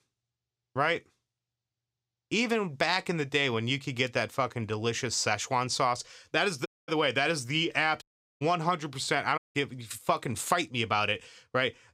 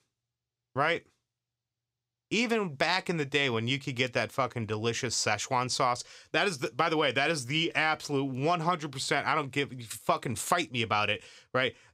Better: second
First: audio cutting out; at 6.5 s, at 8 s and at 9.5 s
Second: none

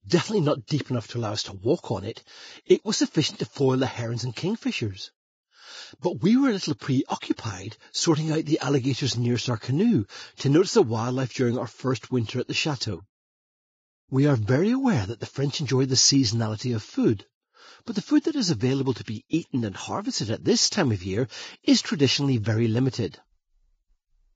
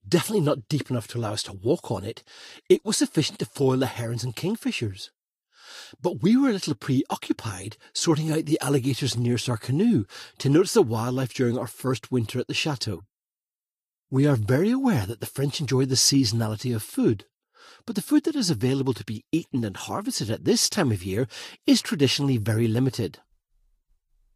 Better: second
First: garbled, watery; badly; nothing above 19.5 kHz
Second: garbled, watery; slightly; nothing above 12.5 kHz

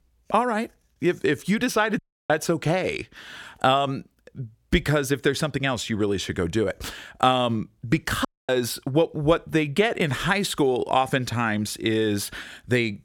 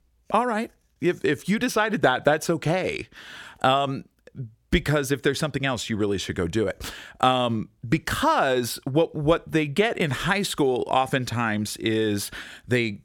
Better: second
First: audio cutting out; at 2 s and at 8.5 s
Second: none

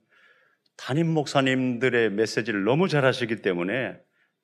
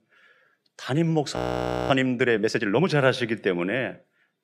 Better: first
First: none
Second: audio freezing; at 1.5 s for 0.5 s

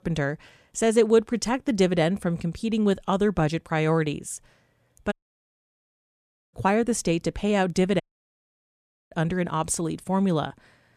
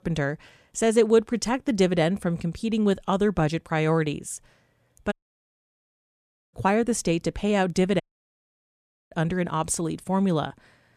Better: neither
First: audio cutting out; at 5 s for 1.5 s and at 8 s for 1 s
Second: audio cutting out; at 5 s for 1.5 s and at 8 s for 1 s

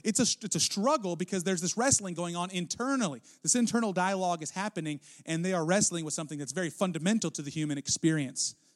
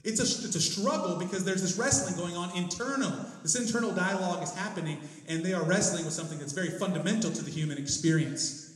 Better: first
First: none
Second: room echo; slight; dies away in 1.1 s

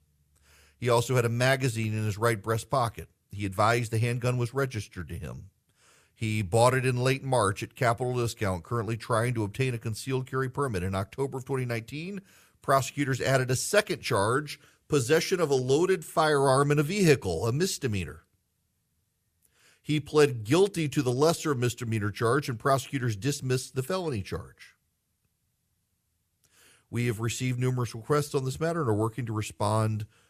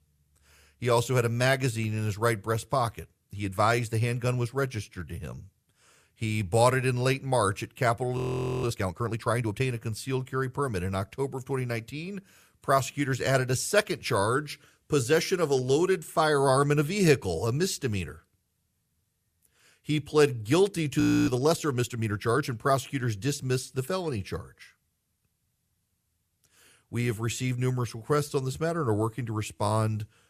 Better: first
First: none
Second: audio freezing; at 8 s and at 21 s

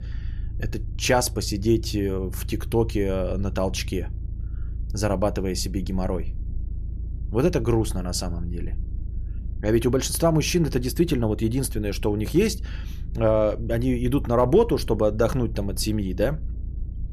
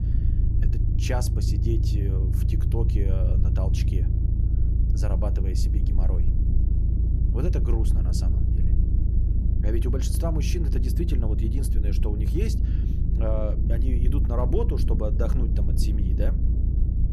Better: first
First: low rumble; faint; throughout; 25 dB below the speech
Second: low rumble; loud; throughout; 4 dB below the speech

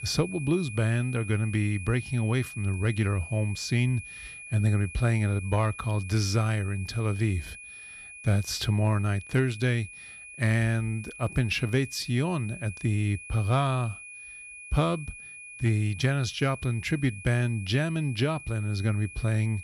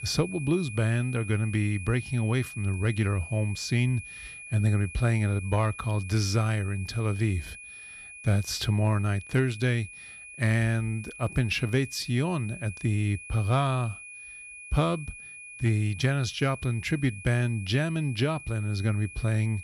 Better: neither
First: high-pitched whine; noticeable; throughout; 2.5 kHz, 15 dB below the speech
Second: high-pitched whine; noticeable; throughout; 2.5 kHz, 15 dB below the speech

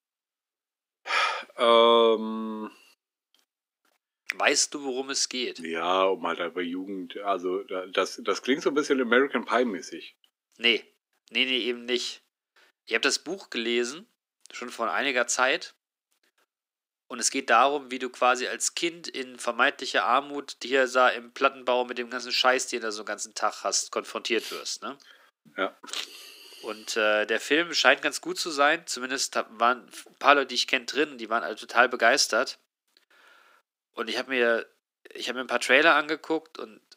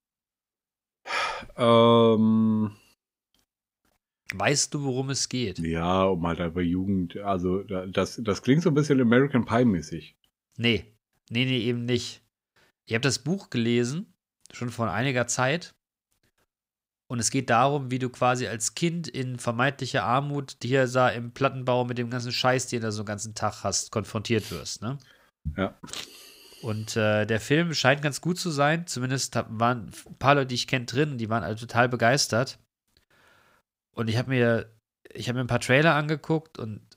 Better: second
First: thin; somewhat; fading below 300 Hz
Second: none

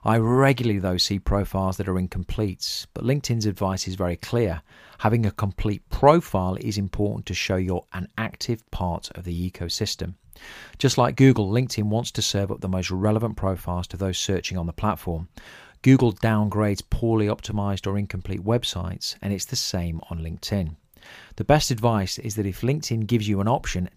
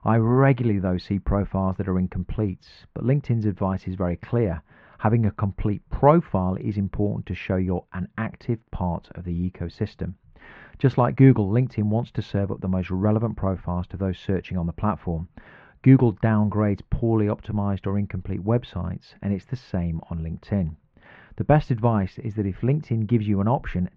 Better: first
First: none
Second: muffled; very; fading above 2 kHz

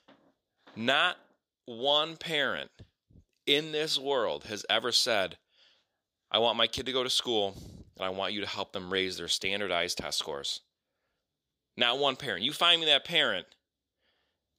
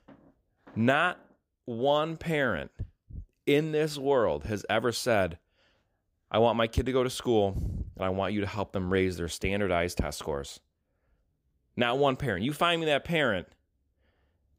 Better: second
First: thin; very slightly; fading below 450 Hz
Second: none

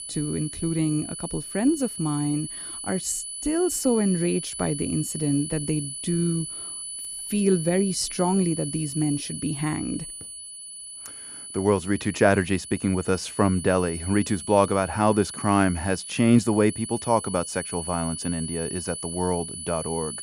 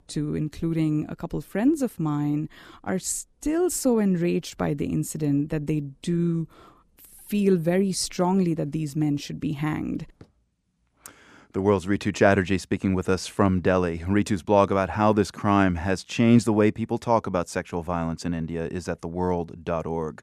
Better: second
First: high-pitched whine; loud; throughout; 10 kHz, 8 dB below the speech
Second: none

